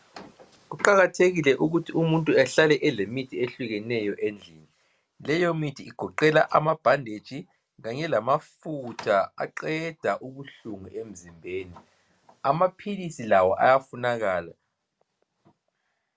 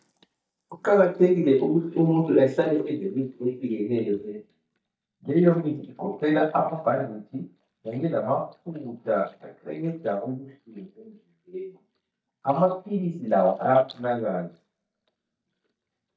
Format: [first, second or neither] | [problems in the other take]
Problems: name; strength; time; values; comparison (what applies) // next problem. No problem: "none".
first | noise reduction (neural mask model DeepFilterNet 3)